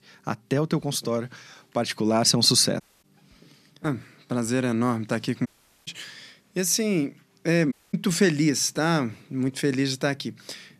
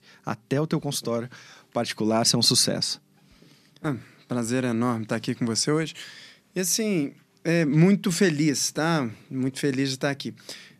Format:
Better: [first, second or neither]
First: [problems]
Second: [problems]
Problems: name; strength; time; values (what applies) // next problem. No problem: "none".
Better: second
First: audio cutting out; at 3 s, at 5.5 s and at 7.5 s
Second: none